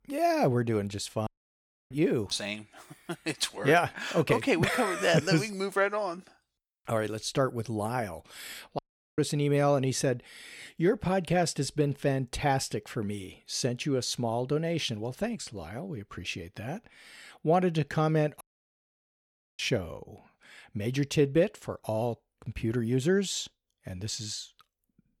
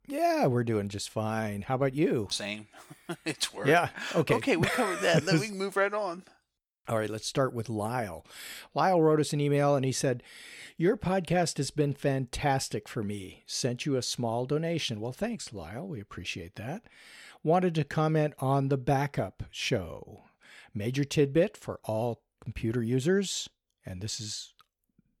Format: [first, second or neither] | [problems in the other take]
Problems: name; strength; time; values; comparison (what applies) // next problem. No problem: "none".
second | audio cutting out; at 1.5 s for 0.5 s, at 9 s and at 18 s for 1 s